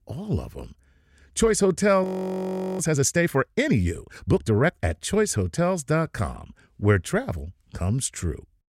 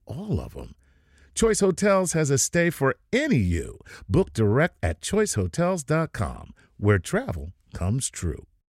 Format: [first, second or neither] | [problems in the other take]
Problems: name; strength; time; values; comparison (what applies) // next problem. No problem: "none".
second | audio freezing; at 2 s for 1 s